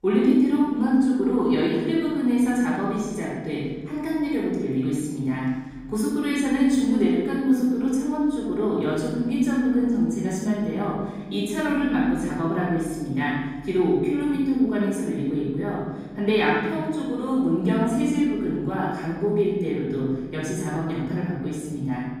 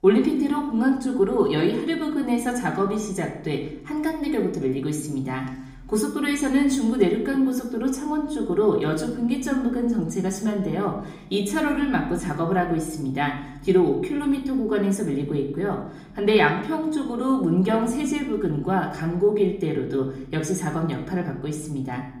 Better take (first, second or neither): second